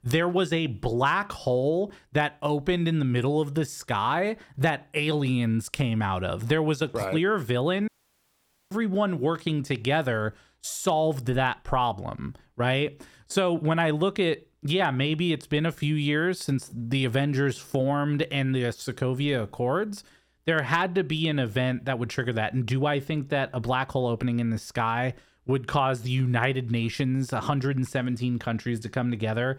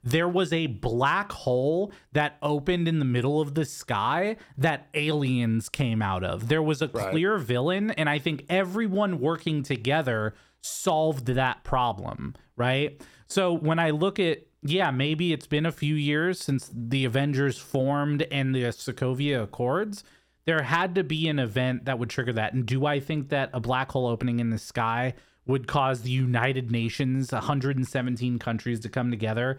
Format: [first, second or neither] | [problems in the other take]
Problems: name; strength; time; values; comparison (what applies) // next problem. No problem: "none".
second | audio cutting out; at 8 s for 1 s